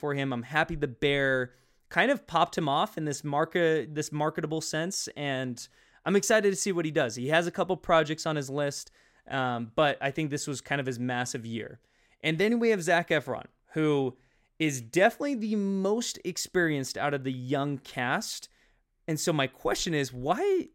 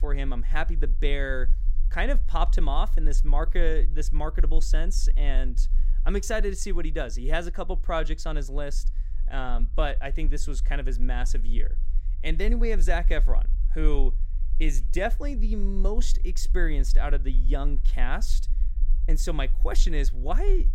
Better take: first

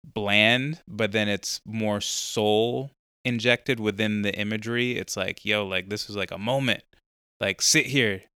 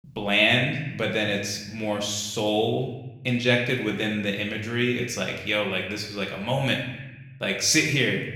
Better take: first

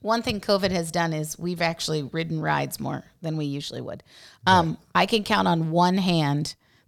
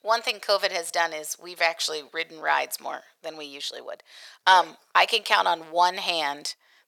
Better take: first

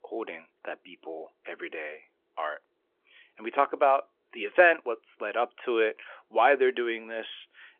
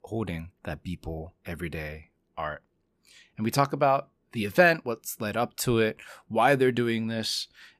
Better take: second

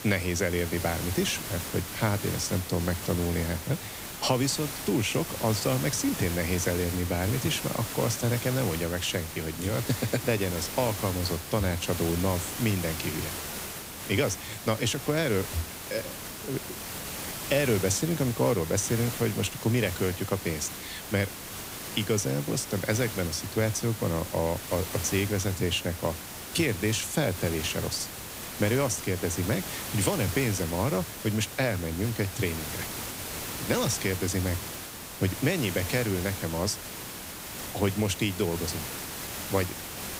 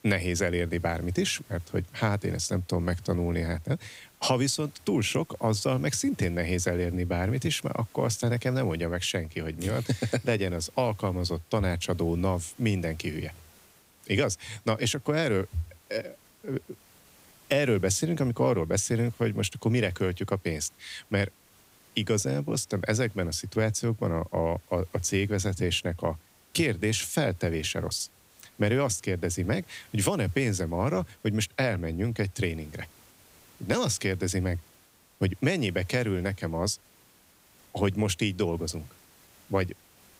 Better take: second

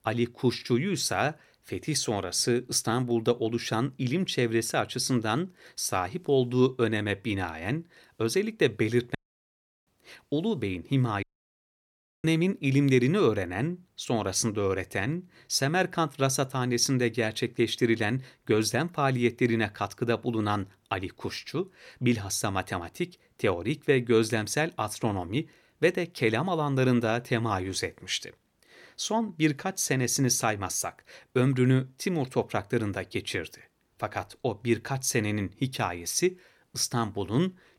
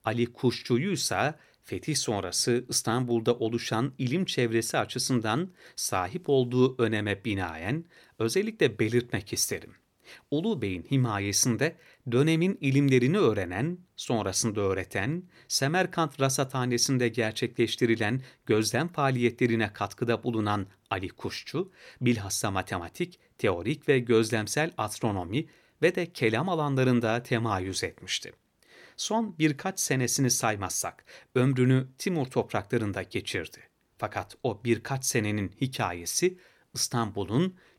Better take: second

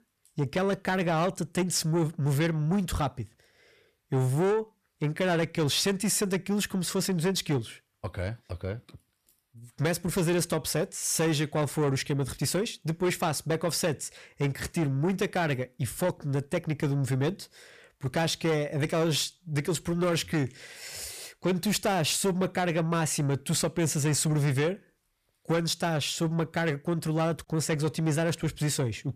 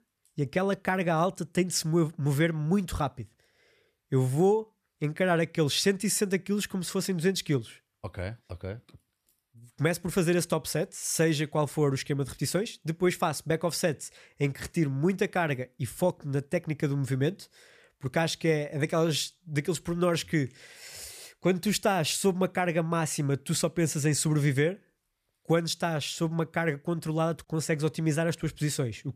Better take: second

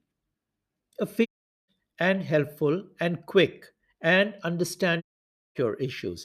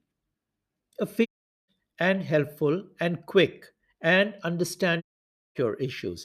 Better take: neither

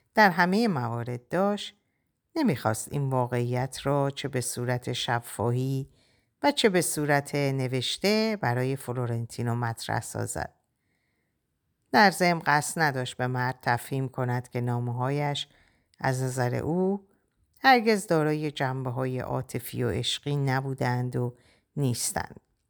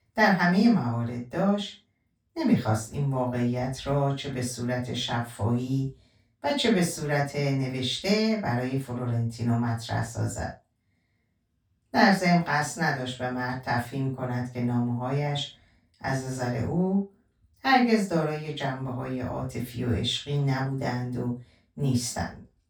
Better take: first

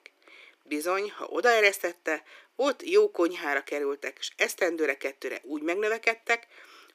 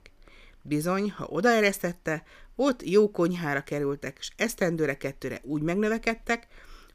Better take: second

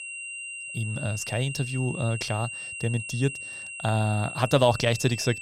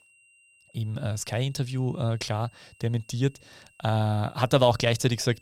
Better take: second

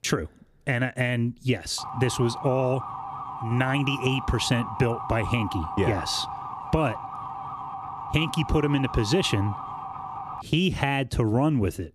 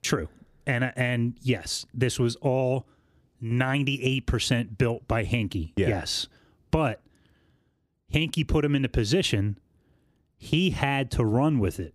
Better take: second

